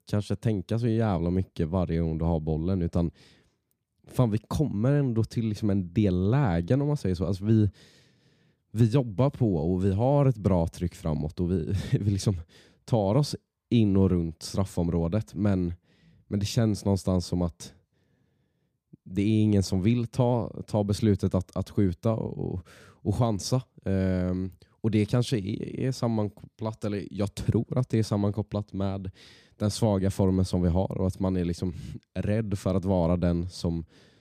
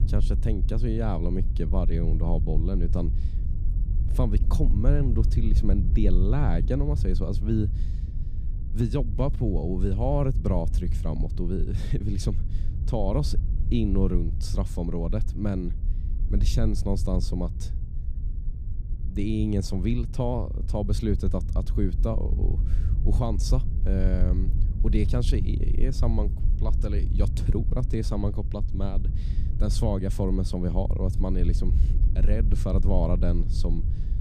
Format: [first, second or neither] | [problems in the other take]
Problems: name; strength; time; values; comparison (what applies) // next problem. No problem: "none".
first | low rumble; noticeable; throughout; 10 dB below the speech